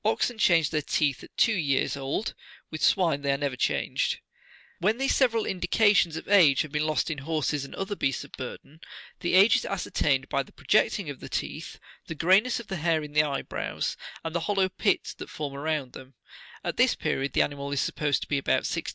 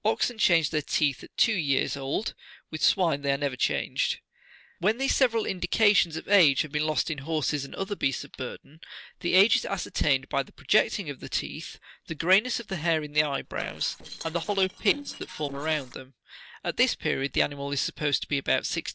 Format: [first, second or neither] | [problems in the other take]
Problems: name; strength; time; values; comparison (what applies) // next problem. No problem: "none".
first | noise reduction (neural separator model SepFormer DNS4)